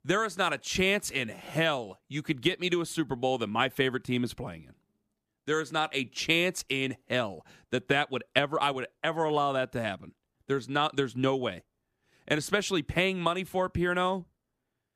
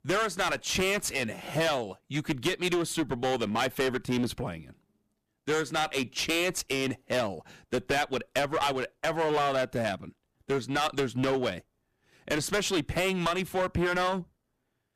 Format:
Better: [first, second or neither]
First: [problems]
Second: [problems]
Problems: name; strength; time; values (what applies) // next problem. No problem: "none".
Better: first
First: none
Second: distortion; heavy; 13% of the sound clipped